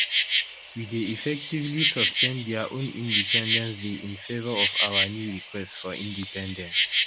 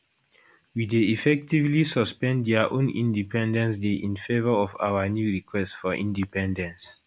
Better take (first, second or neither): second